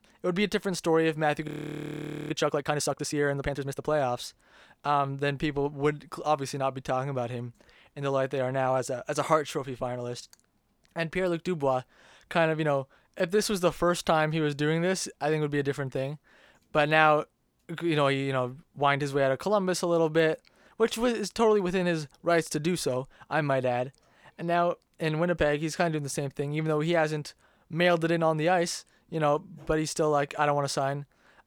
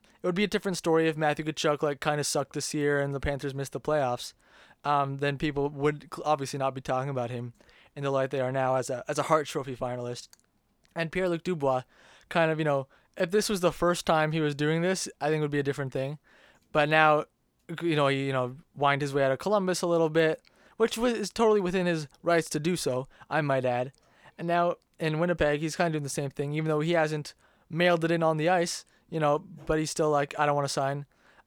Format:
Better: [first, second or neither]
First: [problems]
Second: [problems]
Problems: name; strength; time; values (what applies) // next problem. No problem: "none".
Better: second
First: audio freezing; at 1.5 s for 1 s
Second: none